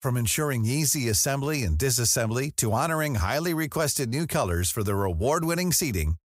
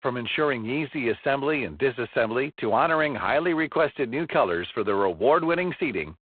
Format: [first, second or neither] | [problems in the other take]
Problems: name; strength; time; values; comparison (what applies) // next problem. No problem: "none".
first | phone-call audio; poor line; nothing above 4 kHz